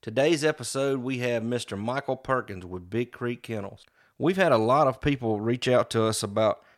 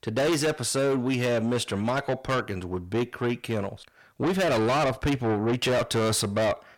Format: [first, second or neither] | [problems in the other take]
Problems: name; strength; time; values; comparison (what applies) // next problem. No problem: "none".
first | distortion; heavy; 6 dB below the speech